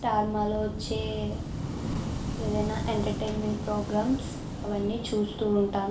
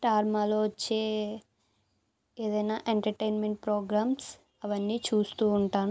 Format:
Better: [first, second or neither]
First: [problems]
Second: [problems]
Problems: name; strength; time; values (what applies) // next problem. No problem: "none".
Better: second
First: background sound (Waves, surf / Wind); 4 dB below the speech // room echo; dies away in 0.4 s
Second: none